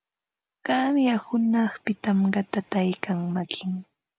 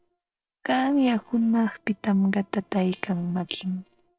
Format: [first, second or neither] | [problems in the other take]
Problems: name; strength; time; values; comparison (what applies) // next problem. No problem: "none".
first | noise reduction (neural separator model SepFormer DNS4)